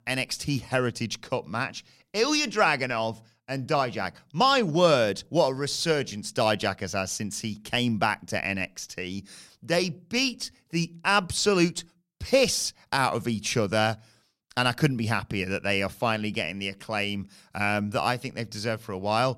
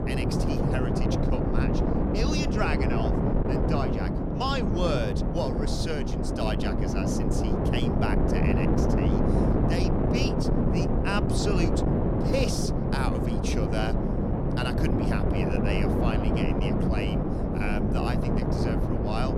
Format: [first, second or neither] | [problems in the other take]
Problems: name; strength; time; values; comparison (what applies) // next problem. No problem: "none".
first | wind noise on the microphone; heavy; 2 dB above the speech